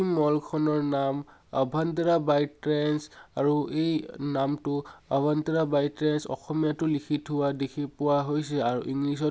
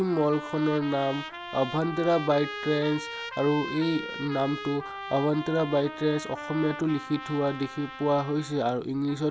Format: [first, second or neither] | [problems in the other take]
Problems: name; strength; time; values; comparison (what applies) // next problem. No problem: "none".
first | background sound (Trumpet); 11 dB below the speech